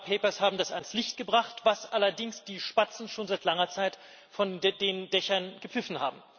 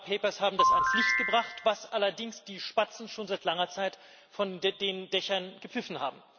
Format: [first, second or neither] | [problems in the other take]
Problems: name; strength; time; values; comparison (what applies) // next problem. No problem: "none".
first | background sound (Ringtone / Chime); 5 dB above the speech